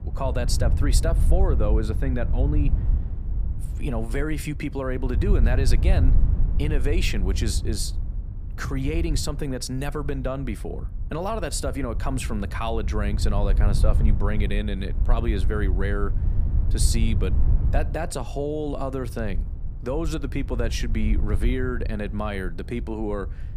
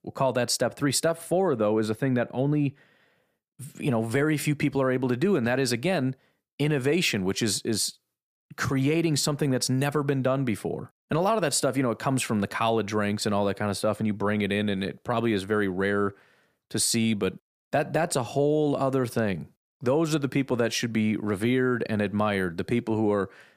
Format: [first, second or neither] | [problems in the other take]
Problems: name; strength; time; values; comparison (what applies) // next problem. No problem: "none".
second | wind noise on the microphone; occasional gusts; 15 dB below the speech